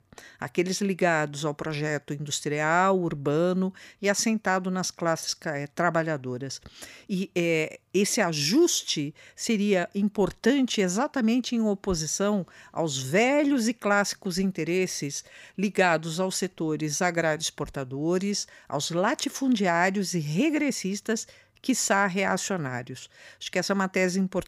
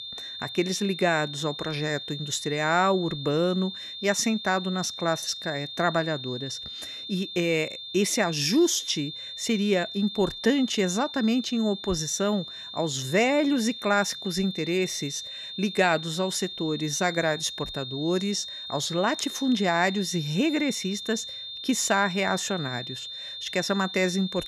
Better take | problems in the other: first | high-pitched whine; loud; throughout; 3.5 kHz, 9 dB below the speech

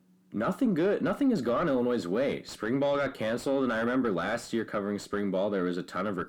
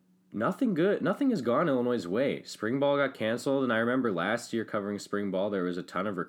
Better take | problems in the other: second | distortion; slight; 10 dB below the speech

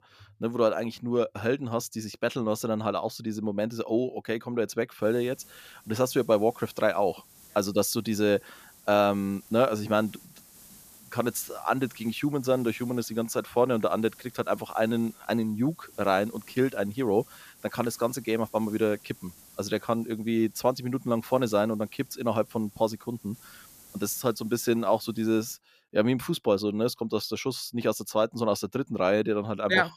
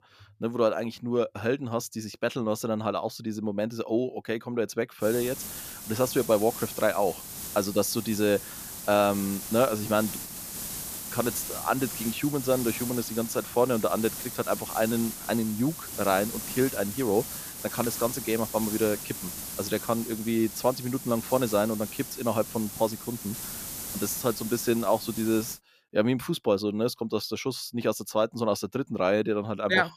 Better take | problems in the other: first | hiss; loud; from 5 to 26 s; 7 dB below the speech; faint in the first

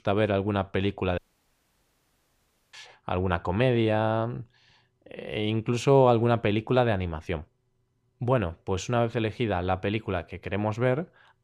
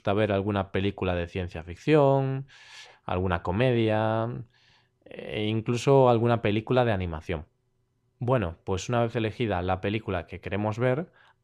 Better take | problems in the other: second | audio cutting out; at 1 s for 1.5 s

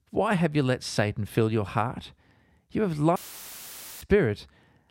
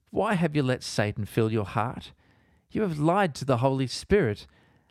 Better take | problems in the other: second | audio cutting out; filled with static; at 3 s for 1 s

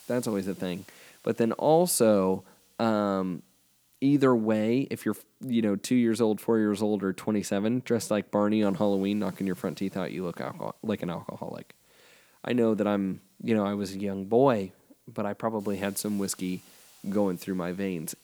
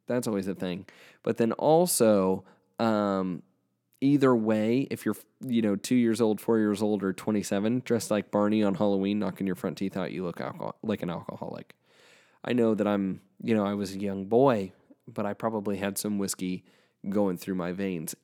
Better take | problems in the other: second | hiss; faint; throughout; 30 dB below the speech

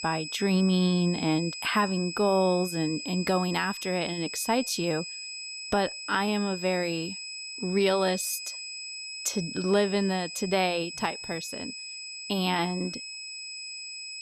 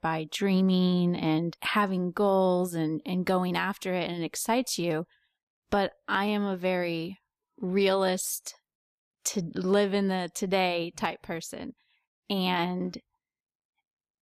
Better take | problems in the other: second | high-pitched whine; loud; throughout; 5 kHz, 8 dB below the speech

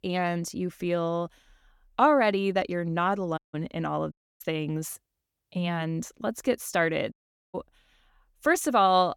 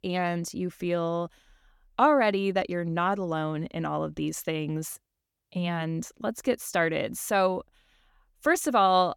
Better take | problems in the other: second | audio cutting out; at 3.5 s, at 4 s and at 7 s

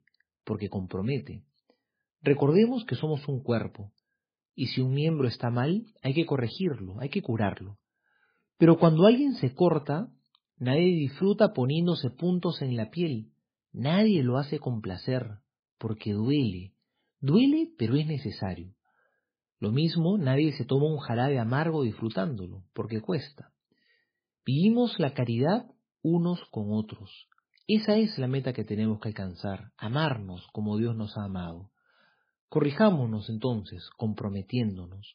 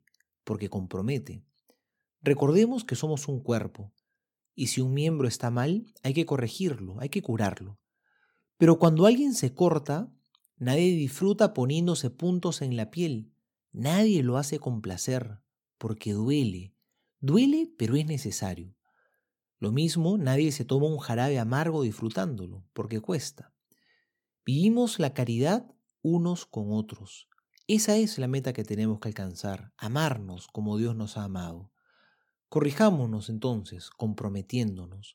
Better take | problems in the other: second | garbled, watery; badly; nothing above 11.5 kHz

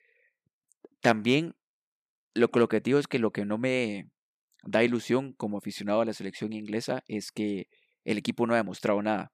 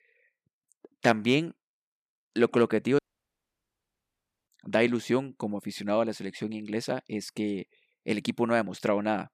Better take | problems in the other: first | audio cutting out; at 3 s for 1.5 s

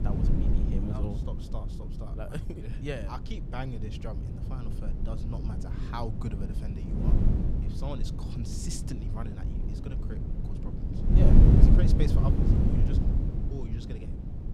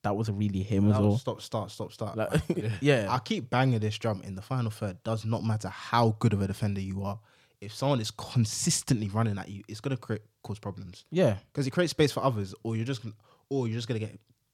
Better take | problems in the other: second | wind noise on the microphone; heavy; 3 dB above the speech

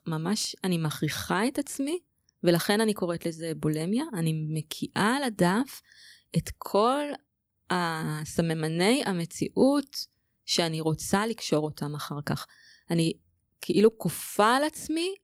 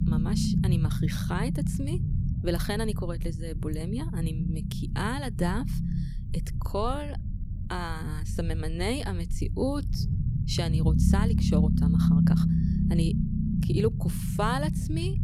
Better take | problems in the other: first | low rumble; loud; throughout; 3 dB below the speech

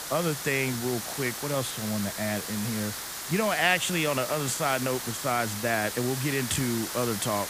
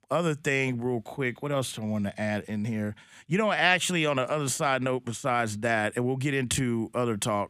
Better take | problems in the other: second | hiss; loud; throughout; 5 dB below the speech

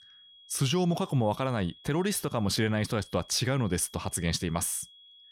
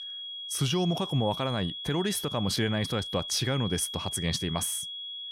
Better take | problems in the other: first | high-pitched whine; loud; throughout; 3.5 kHz, 6 dB below the speech; faint in the first

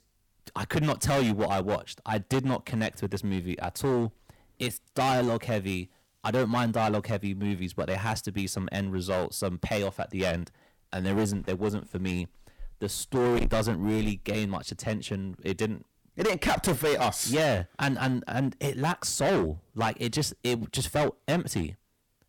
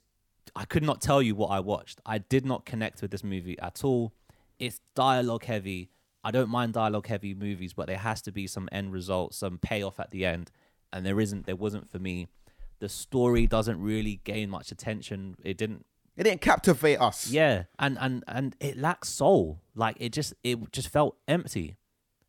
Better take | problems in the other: second | distortion; heavy; 11% of the sound clipped

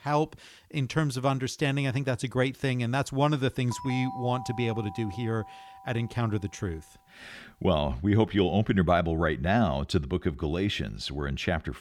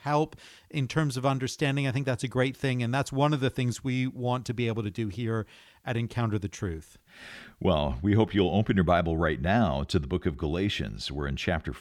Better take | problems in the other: second | doorbell; noticeable; from 3.5 to 6.5 s; peak 10 dB below the speech

